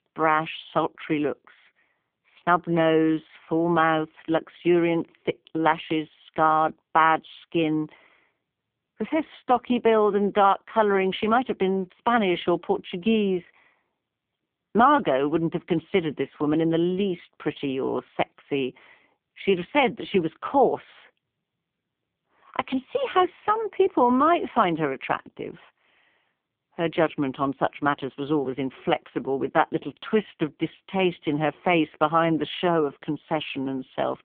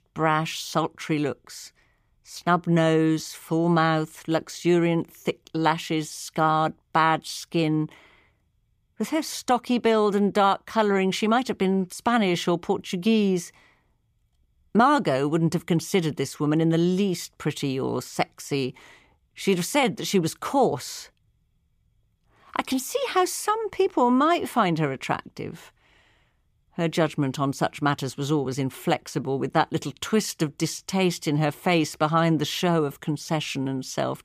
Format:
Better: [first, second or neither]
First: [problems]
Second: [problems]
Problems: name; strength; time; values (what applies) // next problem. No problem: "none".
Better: second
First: phone-call audio; poor line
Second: none